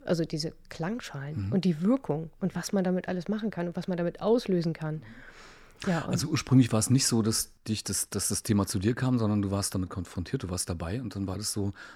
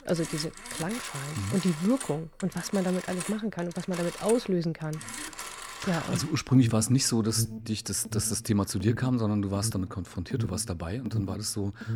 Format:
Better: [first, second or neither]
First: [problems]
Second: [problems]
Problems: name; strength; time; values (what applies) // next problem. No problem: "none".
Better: first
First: none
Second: alarms or sirens; loud; throughout; 8 dB below the speech